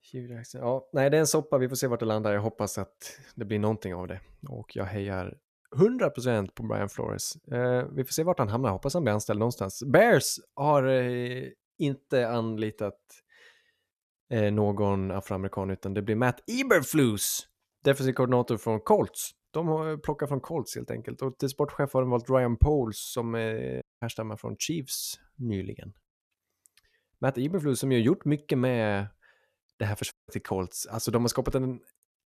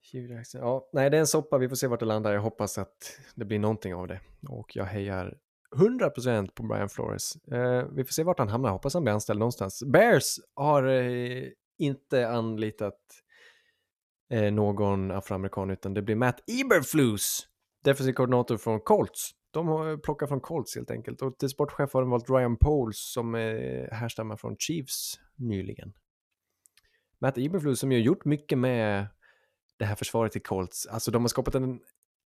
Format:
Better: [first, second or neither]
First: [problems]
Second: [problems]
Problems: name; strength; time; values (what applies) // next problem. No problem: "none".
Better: second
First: audio cutting out; at 24 s and at 30 s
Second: none